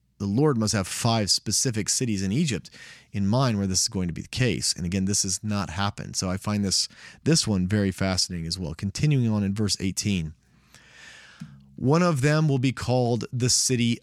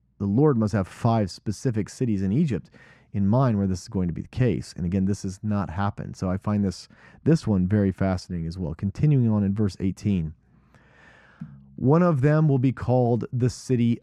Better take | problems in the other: first | muffled; very; fading above 2 kHz

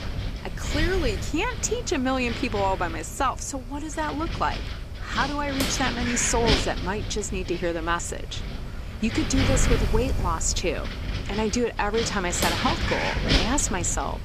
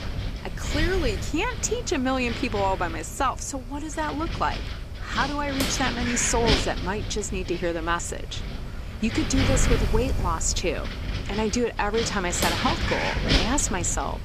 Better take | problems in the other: neither | wind noise on the microphone; heavy; 4 dB below the speech; the same in both

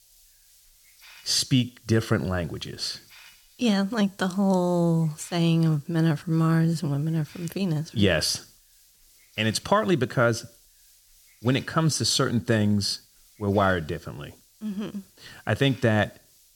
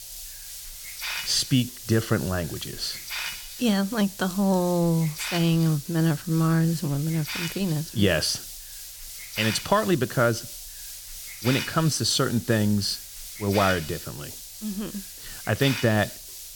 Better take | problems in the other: first | hiss; loud; throughout; 10 dB below the speech; faint in the first

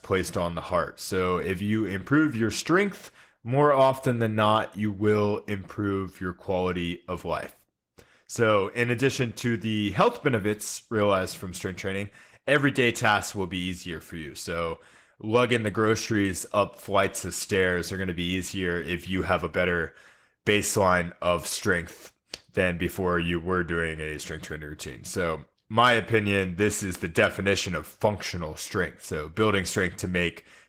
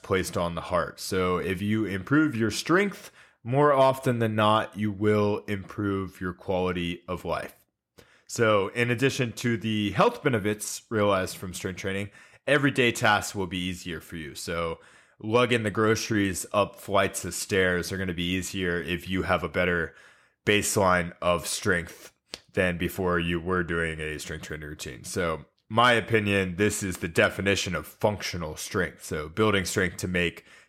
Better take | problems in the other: second | garbled, watery; slightly; nothing above 17 kHz

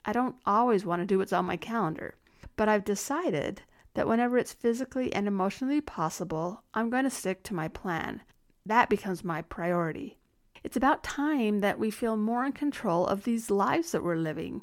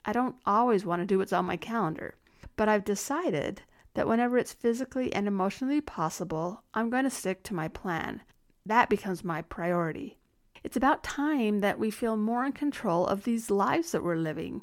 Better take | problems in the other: neither | none

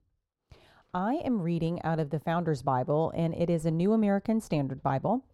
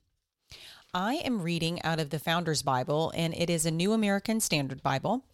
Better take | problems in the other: second | muffled; very; fading above 2 kHz

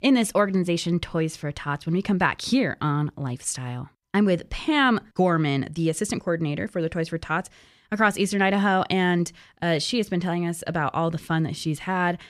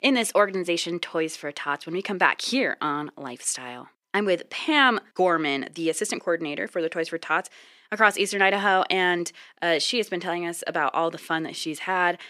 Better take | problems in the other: first | thin; somewhat; fading below 300 Hz

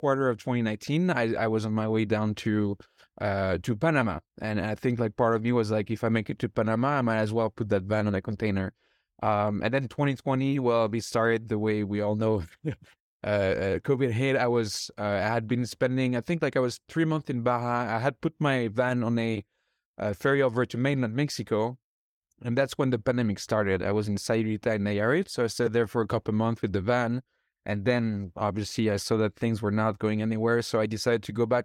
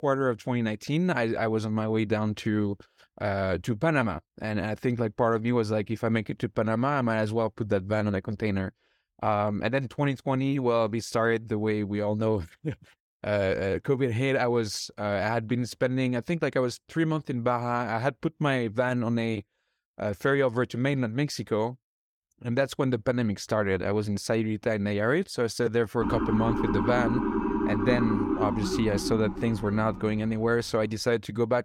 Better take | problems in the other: first | siren; loud; from 26 to 30 s; peak level with the speech

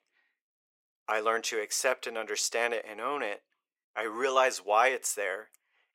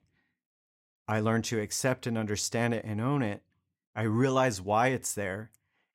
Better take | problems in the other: second | thin; very; fading below 450 Hz

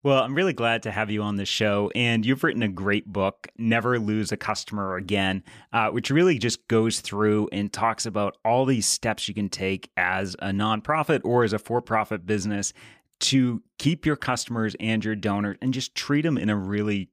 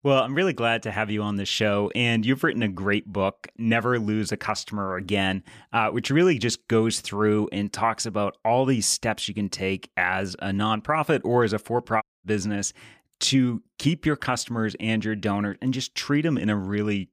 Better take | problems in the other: first | audio cutting out; at 12 s

